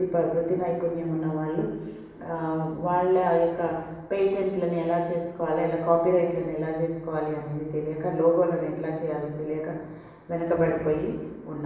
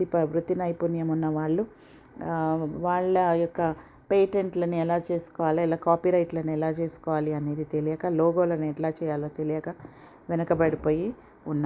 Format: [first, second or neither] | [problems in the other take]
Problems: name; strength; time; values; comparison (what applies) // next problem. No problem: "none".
second | room echo; dies away in 1.1 s